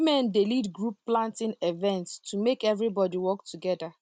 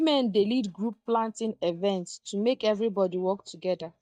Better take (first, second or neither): first